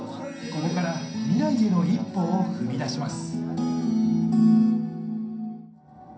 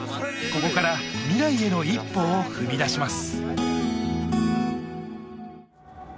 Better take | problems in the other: second | room echo; dies away in 0.6 s

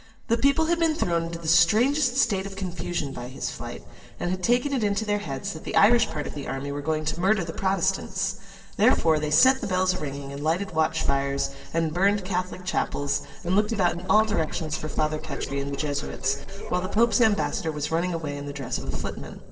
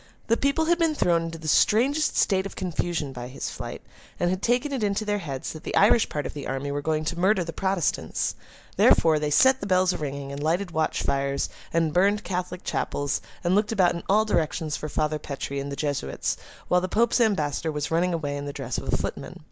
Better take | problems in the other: second | noise reduction (neural separator model SepFormer DNS4)

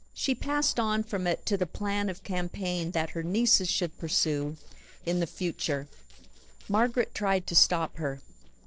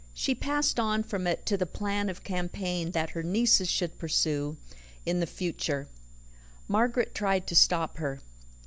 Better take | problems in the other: second | noise reduction (neural separator model SepFormer DNS4)

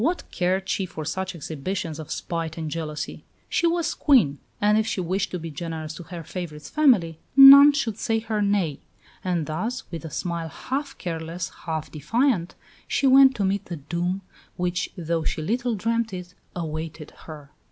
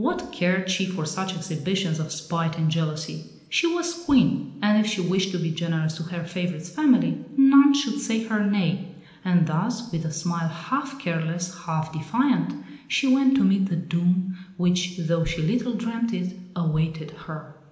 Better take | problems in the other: first | room echo; dies away in 0.9 s

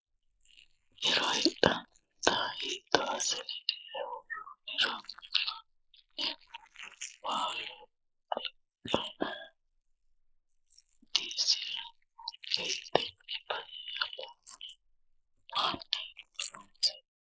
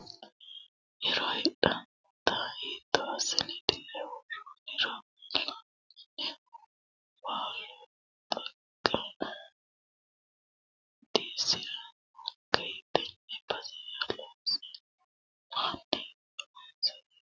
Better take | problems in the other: second | noise reduction (neural mask model Resemble Enhance denoiser)

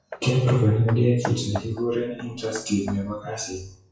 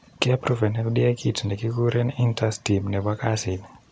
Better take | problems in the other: second | noise reduction (classical method WPE with log-MMSE)

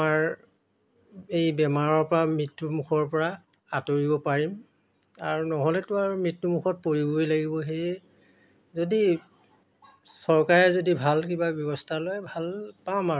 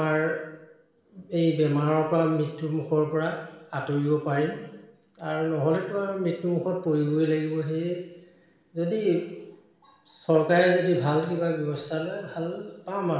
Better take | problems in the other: first | room echo; dies away in 1.1 s

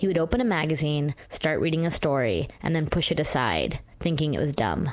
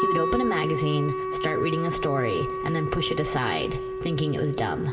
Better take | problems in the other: first | background sound (Wind instrument, woodwind instrument); 2 dB below the speech // room echo; dies away in 1.7 s

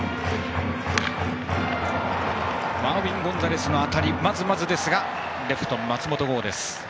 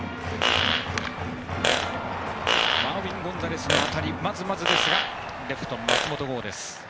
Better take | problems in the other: first | background sound (Fart); 2 dB above the speech

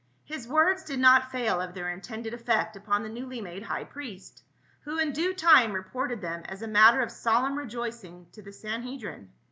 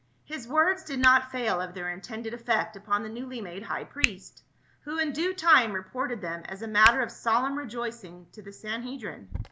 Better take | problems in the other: first | background sound (Hands); 12 dB below the speech

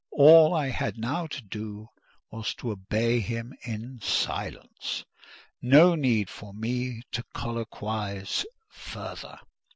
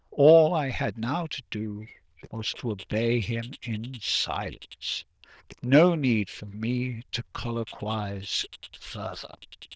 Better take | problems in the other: first | noise reduction (neural diffusion model UNIVERSE++)

